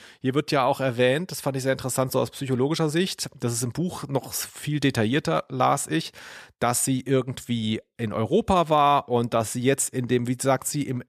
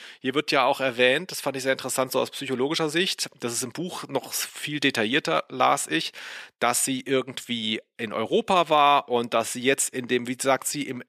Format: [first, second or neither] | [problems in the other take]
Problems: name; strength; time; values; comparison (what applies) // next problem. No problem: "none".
first | thin; very slightly; fading below 250 Hz